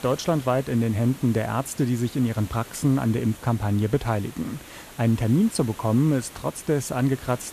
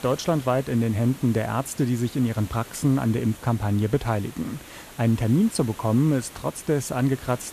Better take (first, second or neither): neither